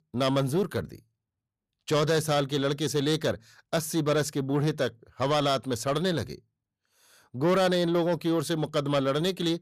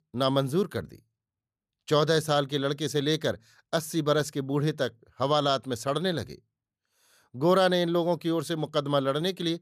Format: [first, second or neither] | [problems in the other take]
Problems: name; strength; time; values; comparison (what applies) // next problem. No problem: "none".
second | distortion; slight; 10 dB below the speech